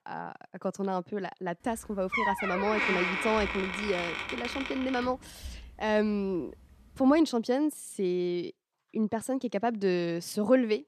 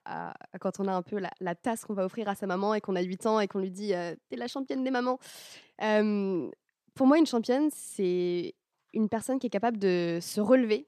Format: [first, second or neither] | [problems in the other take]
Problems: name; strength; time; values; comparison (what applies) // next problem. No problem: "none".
second | door banging; loud; from 2 to 5.5 s; peak 3 dB above the speech